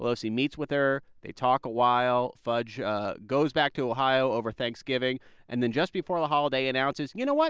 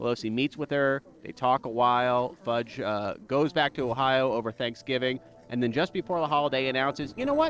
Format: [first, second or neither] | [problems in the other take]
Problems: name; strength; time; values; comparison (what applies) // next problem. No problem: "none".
first | noise reduction (neural separator model SepFormer DNS4)